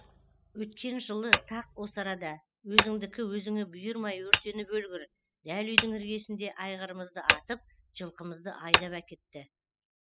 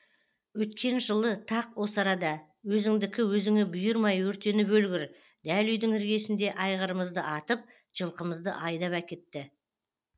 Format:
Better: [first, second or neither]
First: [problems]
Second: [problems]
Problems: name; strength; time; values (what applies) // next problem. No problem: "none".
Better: second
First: noise reduction (classical method spectral subtraction)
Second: none